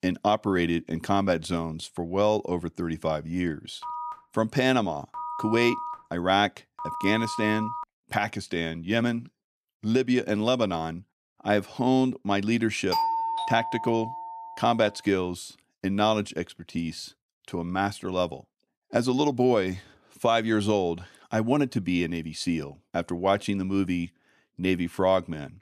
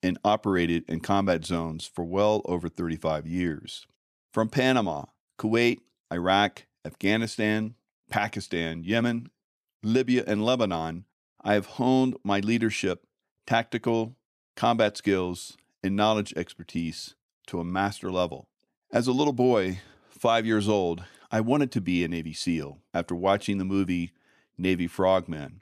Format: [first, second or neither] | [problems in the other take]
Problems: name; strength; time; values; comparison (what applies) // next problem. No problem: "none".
second | phone ringing; noticeable; from 4 to 8 s; peak 7 dB below the speech // doorbell; loud; from 13 to 15 s; peak 1 dB above the speech